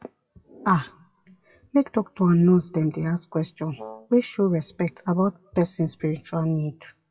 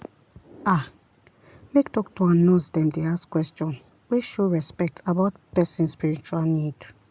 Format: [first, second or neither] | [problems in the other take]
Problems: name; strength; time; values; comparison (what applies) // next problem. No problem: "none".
second | noise reduction (classical method WPE with log-MMSE)